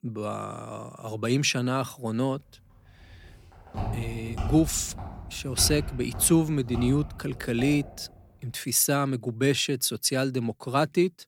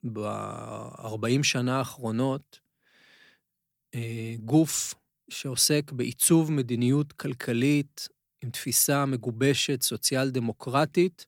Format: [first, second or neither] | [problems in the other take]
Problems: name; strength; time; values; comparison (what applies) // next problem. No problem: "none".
second | footsteps; noticeable; from 3.5 to 8 s; peak 7 dB below the speech